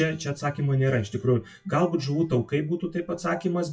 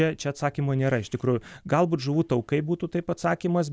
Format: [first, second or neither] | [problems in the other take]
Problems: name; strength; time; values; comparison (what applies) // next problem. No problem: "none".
second | noise reduction (classical method WPE with log-MMSE)